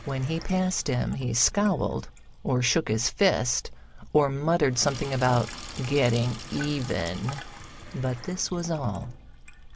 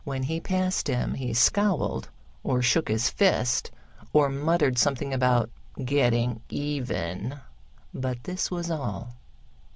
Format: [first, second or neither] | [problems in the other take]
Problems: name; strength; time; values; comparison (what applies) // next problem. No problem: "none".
second | background sound (Sink (filling or washing)); 17 dB below the speech